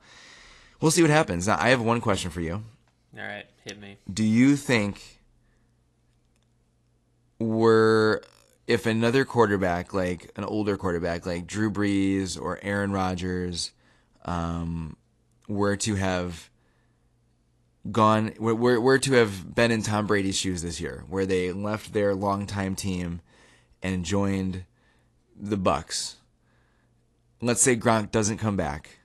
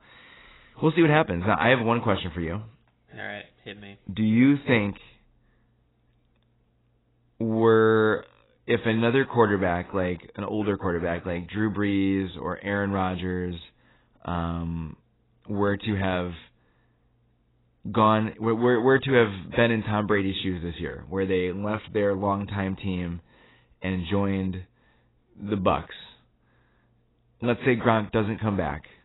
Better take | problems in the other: first | garbled, watery; badly; nothing above 4 kHz; slightly in the first

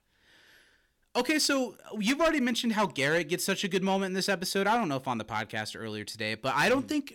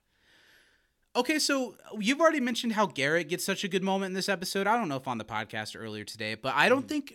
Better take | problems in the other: second | distortion; slight; 4% of the sound clipped

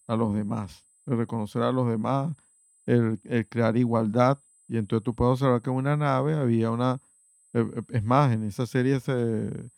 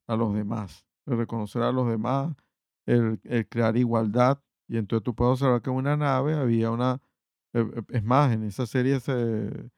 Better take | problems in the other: second | high-pitched whine; faint; throughout; 8 kHz, 35 dB below the speech

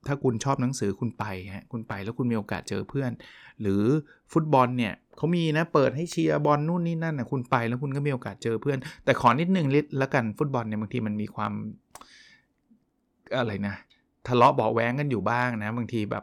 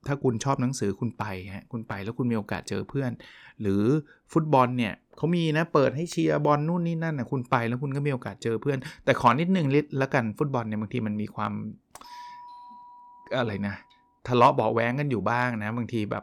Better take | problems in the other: first | doorbell; faint; from 12 to 14 s; peak 15 dB below the speech

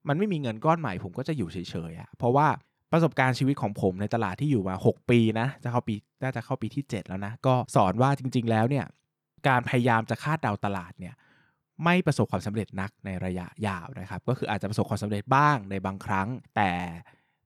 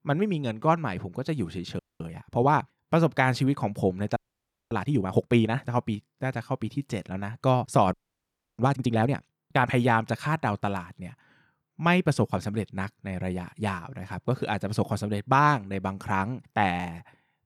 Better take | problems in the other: first | audio freezing; at 2 s, at 4 s for 0.5 s and at 8 s for 0.5 s

